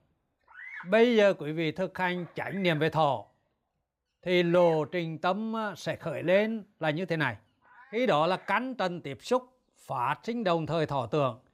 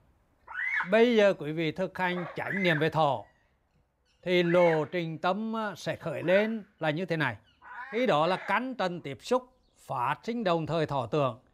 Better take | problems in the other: first | animal sounds; loud; throughout; 8 dB below the speech; faint in the first

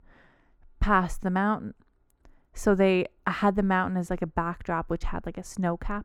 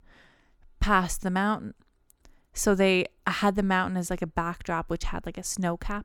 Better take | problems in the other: second | muffled; slightly; fading above 2.5 kHz

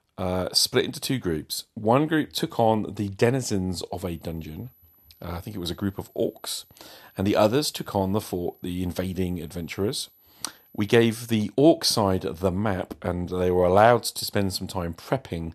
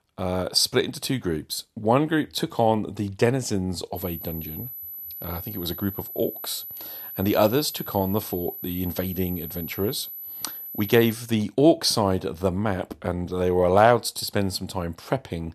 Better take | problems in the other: first | high-pitched whine; loud; from 4 to 11 s; 12 kHz, 9 dB below the speech; faint in the first

